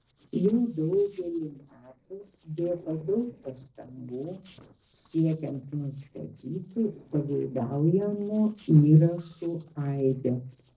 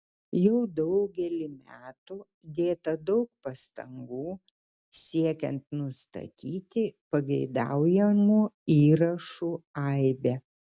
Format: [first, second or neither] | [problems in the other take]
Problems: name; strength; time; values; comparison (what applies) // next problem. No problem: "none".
second | noise reduction (neural separator model SepFormer DNS4)